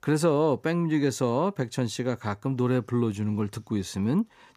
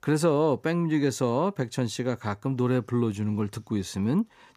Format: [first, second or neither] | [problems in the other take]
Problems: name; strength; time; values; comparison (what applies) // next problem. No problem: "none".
neither | none